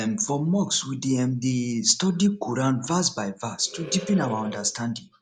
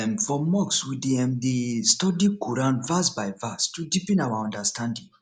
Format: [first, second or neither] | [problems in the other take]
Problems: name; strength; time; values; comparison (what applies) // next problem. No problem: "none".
second | background sound (Animal); 13 dB below the speech